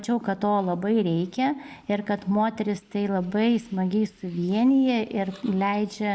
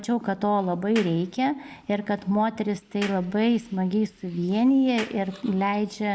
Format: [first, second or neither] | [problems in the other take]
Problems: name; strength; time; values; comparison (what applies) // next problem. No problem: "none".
first | background sound (Clapping); 17 dB below the speech